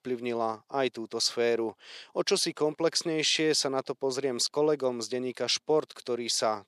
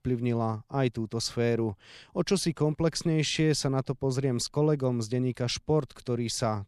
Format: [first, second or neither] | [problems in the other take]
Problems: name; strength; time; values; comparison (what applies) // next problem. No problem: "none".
second | thin; somewhat; fading below 450 Hz